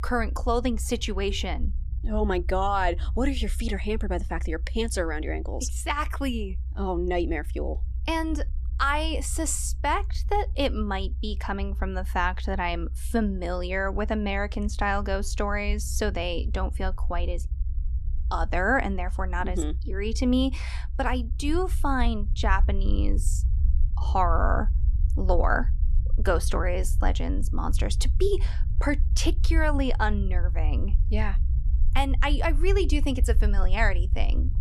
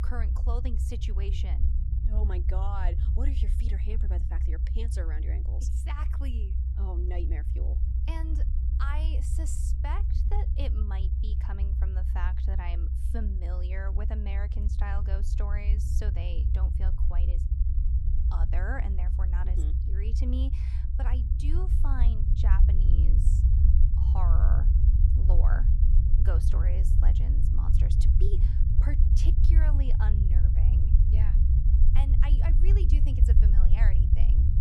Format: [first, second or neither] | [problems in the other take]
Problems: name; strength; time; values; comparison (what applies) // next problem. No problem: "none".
first | low rumble; loud; throughout; 2 dB below the speech; faint in the first